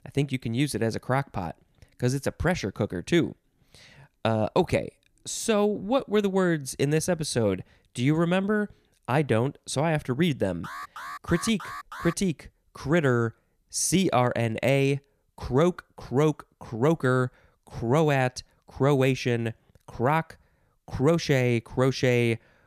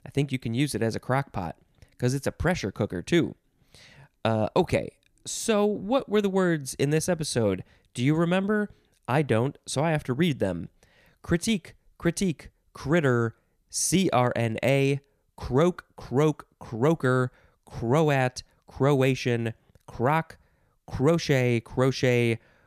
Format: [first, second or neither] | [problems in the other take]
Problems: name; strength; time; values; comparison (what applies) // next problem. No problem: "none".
second | alarm; faint; from 11 to 12 s; peak 10 dB below the speech